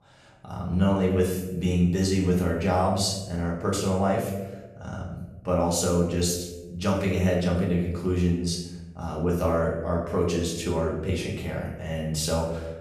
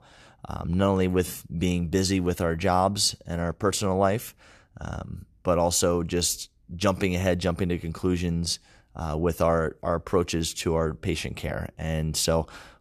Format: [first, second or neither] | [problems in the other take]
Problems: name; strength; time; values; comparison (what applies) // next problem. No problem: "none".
second | room echo; noticeable; dies away in 0.9 s // off-mic speech; far